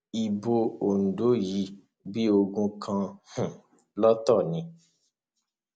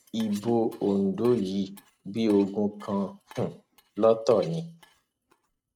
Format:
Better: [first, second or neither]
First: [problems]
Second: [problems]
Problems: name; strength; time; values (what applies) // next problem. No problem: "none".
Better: first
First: none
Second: noise reduction (neural mask model RNNoise)